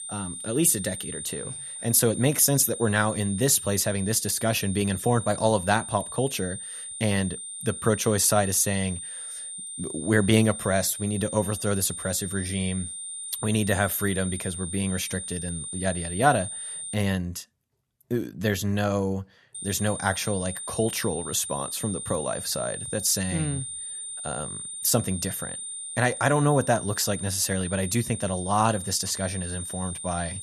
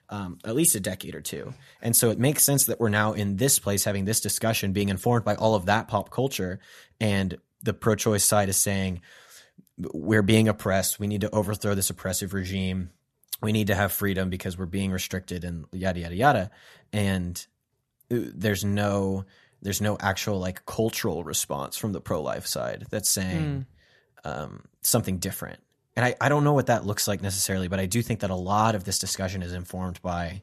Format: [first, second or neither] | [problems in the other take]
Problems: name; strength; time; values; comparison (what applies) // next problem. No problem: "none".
second | high-pitched whine; loud; until 17 s and from 20 s on; 9 kHz, 8 dB below the speech